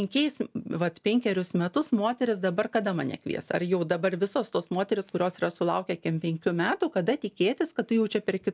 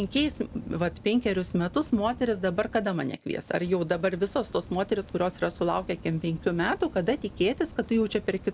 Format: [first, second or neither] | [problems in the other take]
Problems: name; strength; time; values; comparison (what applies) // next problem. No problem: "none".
first | background sound (Fire); 18 dB below the speech